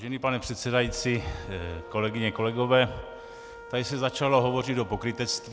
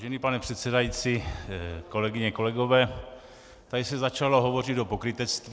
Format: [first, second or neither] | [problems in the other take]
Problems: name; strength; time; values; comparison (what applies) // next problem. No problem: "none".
second | background sound (Wind instrument, woodwind instrument); 17 dB below the speech